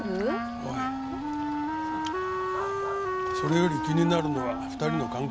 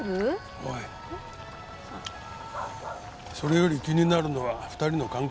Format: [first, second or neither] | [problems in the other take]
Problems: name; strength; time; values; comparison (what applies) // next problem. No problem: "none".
second | background sound (Wind instrument, woodwind instrument); as loud as the speech